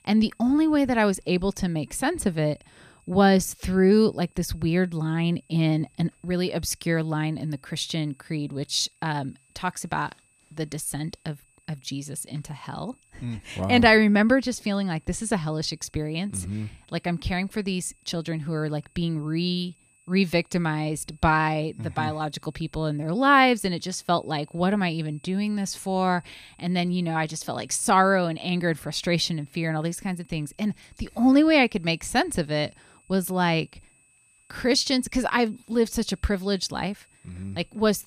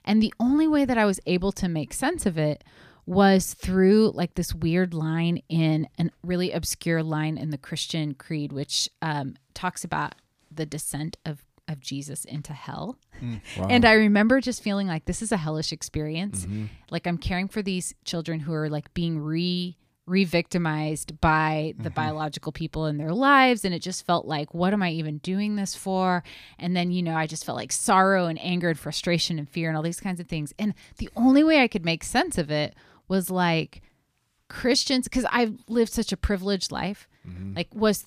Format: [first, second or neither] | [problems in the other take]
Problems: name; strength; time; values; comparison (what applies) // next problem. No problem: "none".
second | high-pitched whine; faint; throughout; 8.5 kHz, 35 dB below the speech